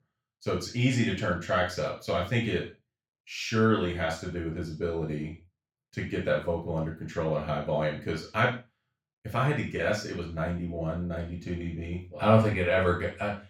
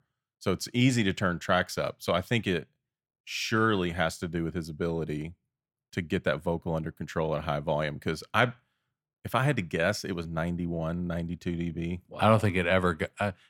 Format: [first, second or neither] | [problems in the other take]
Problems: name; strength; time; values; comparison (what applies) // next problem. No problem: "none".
second | room echo; noticeable; dies away in 0.3 s // off-mic speech; far